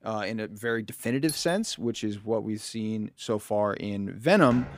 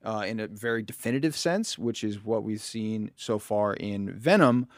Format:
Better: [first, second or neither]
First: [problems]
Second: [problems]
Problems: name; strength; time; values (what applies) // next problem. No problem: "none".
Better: second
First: doorbell; noticeable; at 1.5 s; peak 9 dB below the speech // footsteps; very faint; at 4.5 s; peak 15 dB below the speech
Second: none